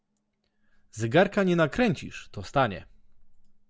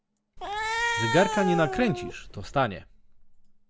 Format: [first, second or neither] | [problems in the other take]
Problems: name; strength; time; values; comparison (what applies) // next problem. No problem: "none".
first | background sound (Cat); 1 dB below the speech